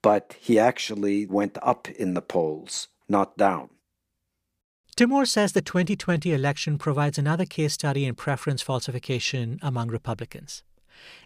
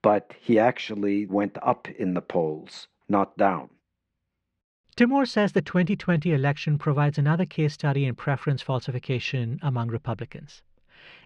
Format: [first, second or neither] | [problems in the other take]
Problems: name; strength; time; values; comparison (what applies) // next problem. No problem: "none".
first | muffled; slightly; fading above 2.5 kHz